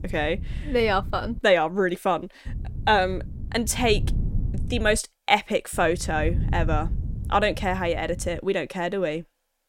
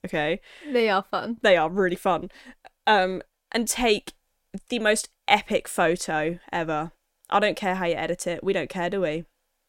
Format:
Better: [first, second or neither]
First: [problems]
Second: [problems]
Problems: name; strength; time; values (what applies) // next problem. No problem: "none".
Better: second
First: wind noise on the microphone; occasional gusts; until 1.5 s, from 2.5 to 5 s and from 5.5 to 8.5 s; 20 dB below the speech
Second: none